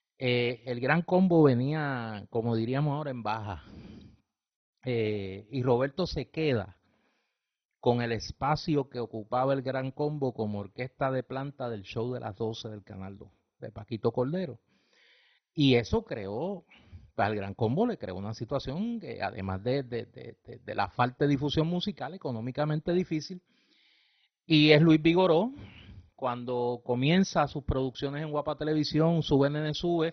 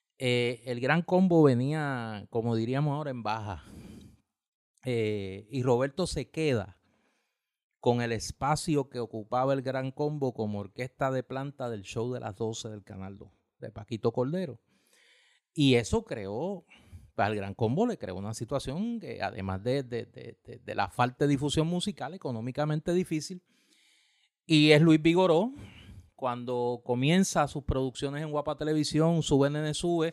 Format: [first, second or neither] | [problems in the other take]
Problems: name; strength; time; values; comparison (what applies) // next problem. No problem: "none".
second | garbled, watery; badly; nothing above 6 kHz